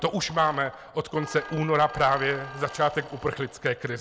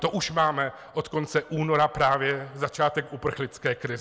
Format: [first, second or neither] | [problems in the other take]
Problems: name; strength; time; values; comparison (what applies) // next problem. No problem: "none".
second | background sound (Mechanisms + Wind instrument, woodwind instrument); 17 dB below the speech